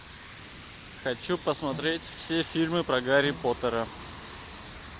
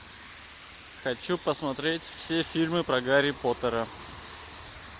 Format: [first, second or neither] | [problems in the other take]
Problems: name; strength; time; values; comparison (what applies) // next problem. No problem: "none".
second | background sound (Hiss + Bowed string instrument); 17 dB below the speech